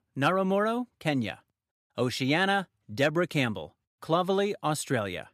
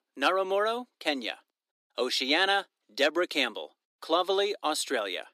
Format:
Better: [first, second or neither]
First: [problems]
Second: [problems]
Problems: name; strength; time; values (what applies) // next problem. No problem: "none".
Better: first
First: none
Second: thin; somewhat; fading below 300 Hz